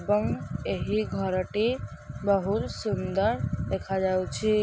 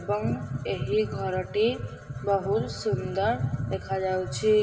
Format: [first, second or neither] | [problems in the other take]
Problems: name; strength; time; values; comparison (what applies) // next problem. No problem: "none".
first | room echo; dies away in 1.7 s